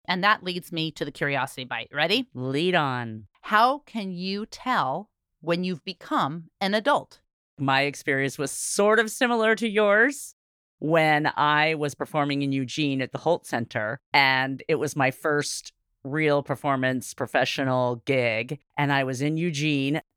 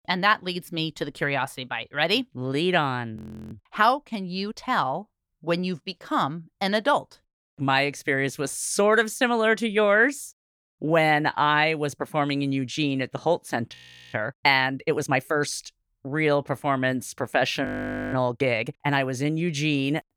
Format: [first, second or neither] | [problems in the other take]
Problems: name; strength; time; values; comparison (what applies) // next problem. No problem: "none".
first | audio freezing; at 3 s, at 14 s and at 18 s